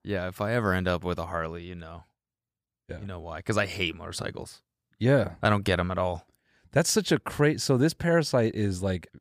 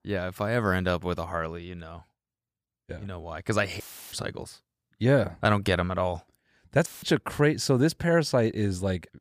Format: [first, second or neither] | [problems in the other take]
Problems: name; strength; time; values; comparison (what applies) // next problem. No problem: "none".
first | audio cutting out; filled with static; at 4 s and at 7 s